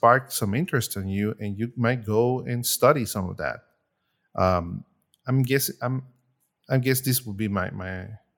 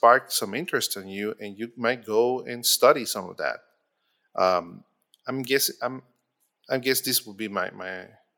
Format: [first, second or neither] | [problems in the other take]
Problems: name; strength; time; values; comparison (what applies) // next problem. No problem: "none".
first | thin; somewhat; fading below 400 Hz